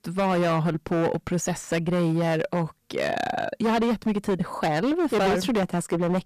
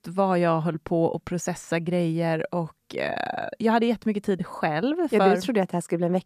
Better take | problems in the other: second | distortion; heavy; 18% of the sound clipped

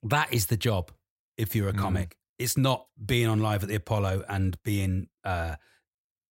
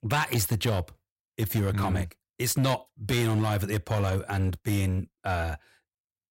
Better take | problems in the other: first | distortion; slight; 10% of the sound clipped

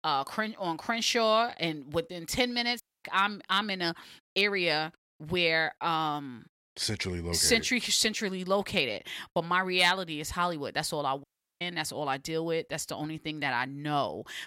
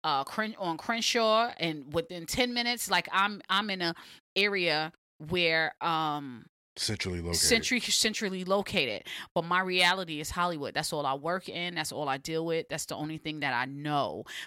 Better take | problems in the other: second | audio cutting out; at 3 s and at 11 s

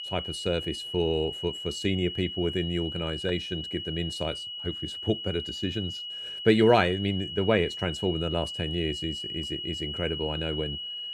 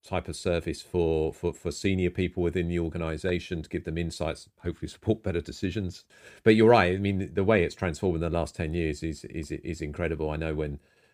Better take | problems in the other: second | high-pitched whine; loud; throughout; 3 kHz, 5 dB below the speech

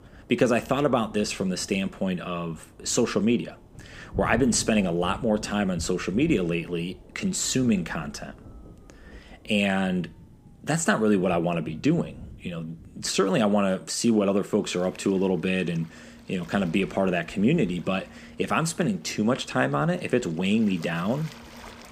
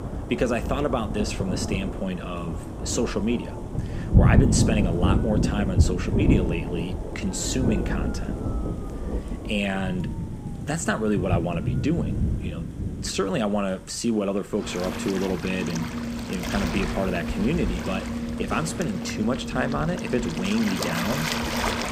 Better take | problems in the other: first | rain or running water; loud; throughout; as loud as the speech; faint in the first

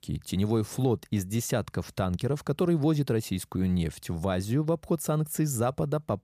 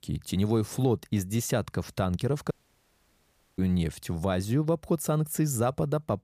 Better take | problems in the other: first | audio cutting out; at 2.5 s for 1 s

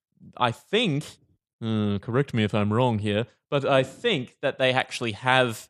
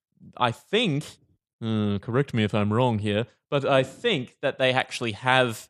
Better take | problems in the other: neither | none

